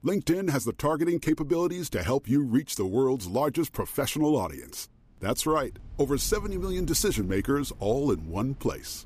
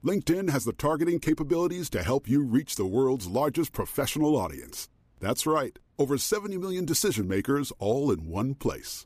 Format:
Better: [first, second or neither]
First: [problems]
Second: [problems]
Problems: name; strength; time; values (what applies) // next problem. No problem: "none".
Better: second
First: wind in the background; noticeable; throughout; 15 dB below the speech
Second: none